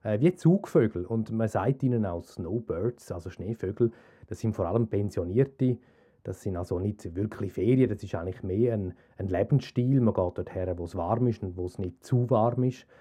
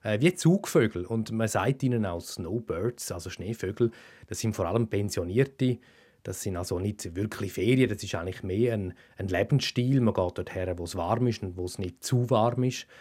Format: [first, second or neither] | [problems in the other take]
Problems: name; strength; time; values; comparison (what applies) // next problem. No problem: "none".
second | muffled; slightly; fading above 1.5 kHz